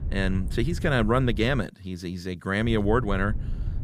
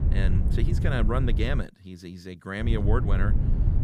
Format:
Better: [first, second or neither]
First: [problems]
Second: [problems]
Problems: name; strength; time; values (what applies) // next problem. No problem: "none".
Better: first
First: low rumble; faint; until 1.5 s and from 2.5 s on; 20 dB below the speech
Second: low rumble; loud; until 1.5 s and from 2.5 s on; 7 dB below the speech